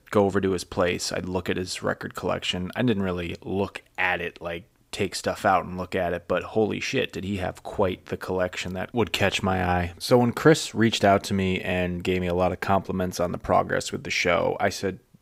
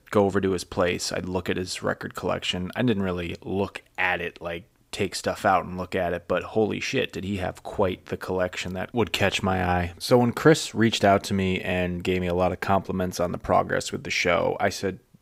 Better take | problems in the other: neither | none

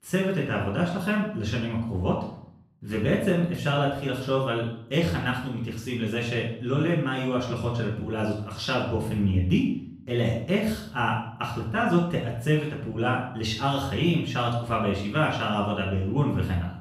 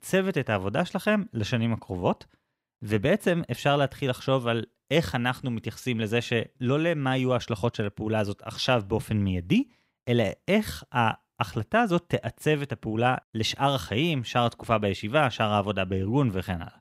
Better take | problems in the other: second | off-mic speech; far // room echo; noticeable; dies away in 0.6 s

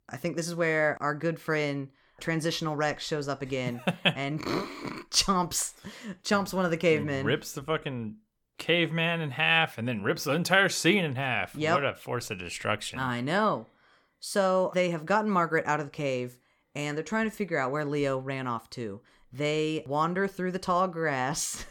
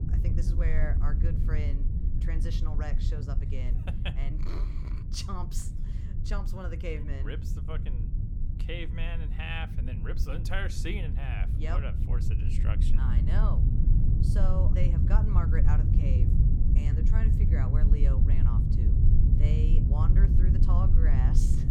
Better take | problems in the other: first | low rumble; loud; throughout; 2 dB below the speech

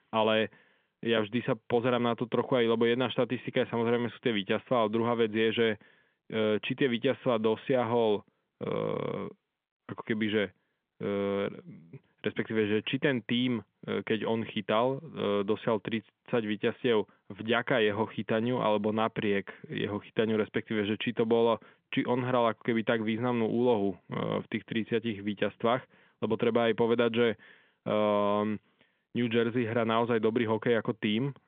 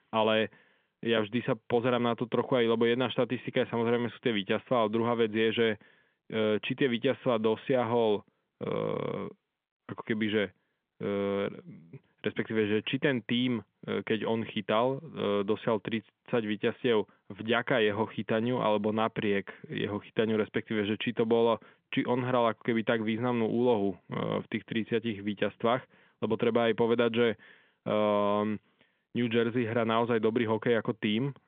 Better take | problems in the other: neither | phone-call audio; nothing above 3.5 kHz; the same in both

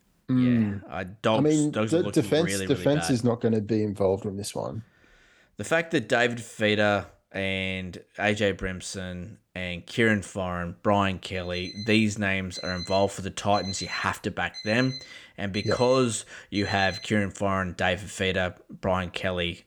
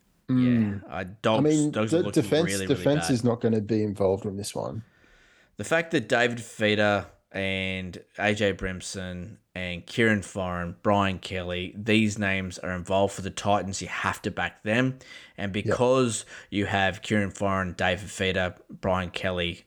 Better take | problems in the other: second | alarm; noticeable; from 11 to 17 s; peak 8 dB below the speech

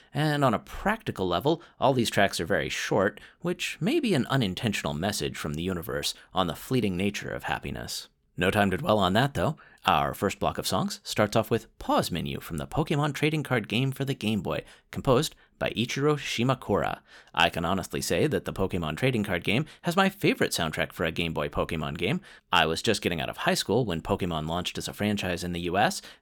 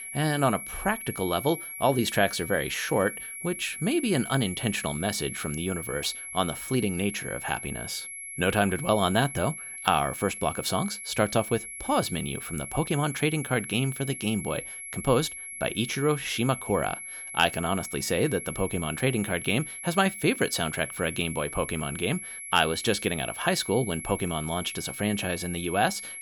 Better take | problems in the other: first | high-pitched whine; loud; throughout; 11 kHz, 8 dB below the speech

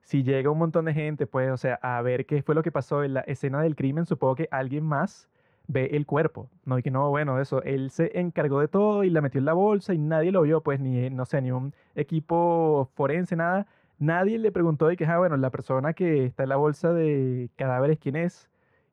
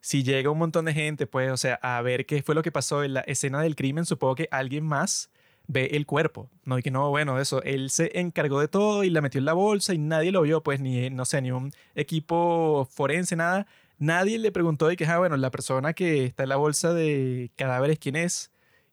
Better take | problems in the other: second | muffled; very; fading above 3 kHz

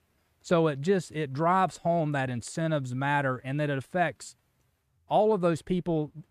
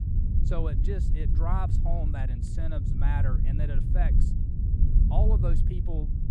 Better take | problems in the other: first | low rumble; loud; throughout; 4 dB below the speech

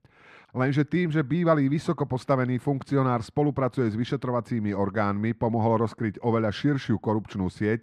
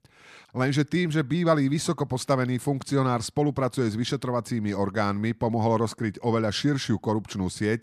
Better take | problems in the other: second | muffled; slightly; fading above 3.5 kHz

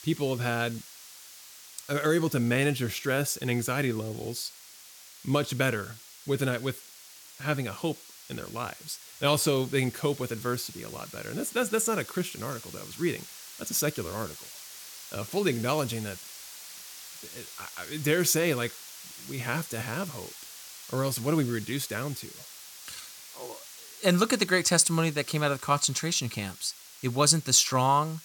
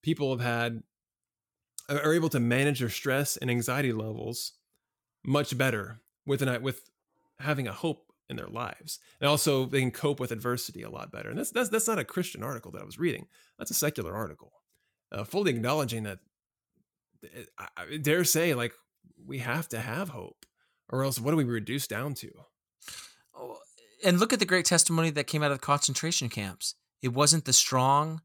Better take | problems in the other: second | hiss; noticeable; throughout; 15 dB below the speech

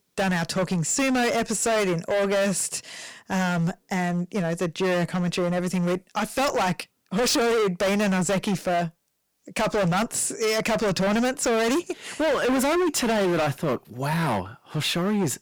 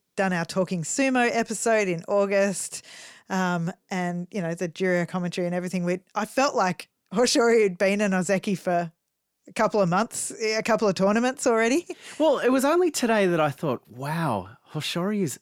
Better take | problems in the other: second | distortion; heavy; 25% of the sound clipped

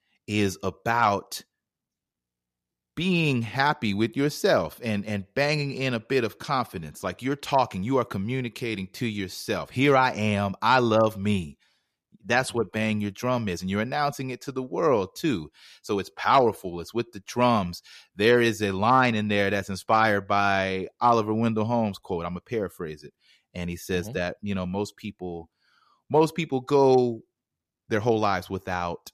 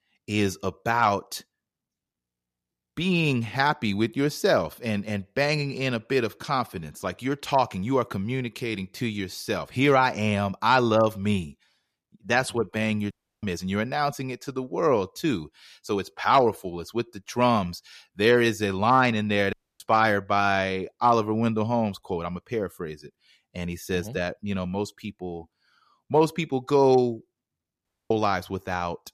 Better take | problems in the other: first | audio cutting out; at 13 s, at 20 s and at 28 s

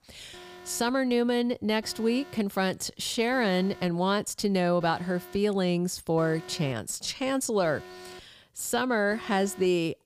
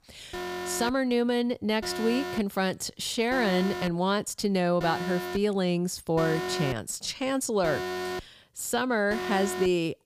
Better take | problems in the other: first | alarms or sirens; loud; throughout; 7 dB below the speech; faint in the first

